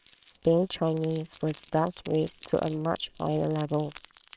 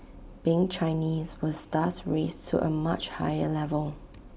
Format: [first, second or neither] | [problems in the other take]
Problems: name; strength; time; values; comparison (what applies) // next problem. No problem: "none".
second | noise reduction (neural separator model SepFormer WHAMR!)